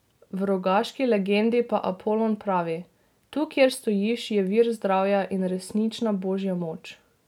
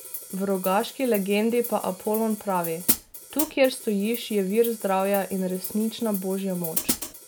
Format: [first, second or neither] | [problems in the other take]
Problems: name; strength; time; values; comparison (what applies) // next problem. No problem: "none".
first | background sound (Hi-hat); 8 dB below the speech